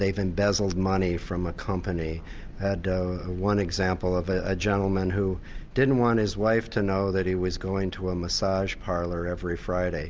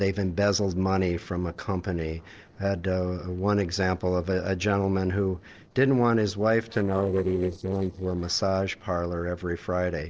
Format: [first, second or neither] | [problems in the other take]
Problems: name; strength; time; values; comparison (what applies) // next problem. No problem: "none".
first | noise reduction (neural separator model SepFormer DNS4)